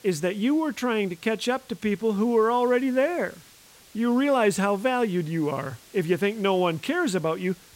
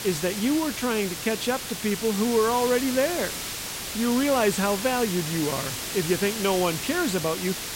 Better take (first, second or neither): first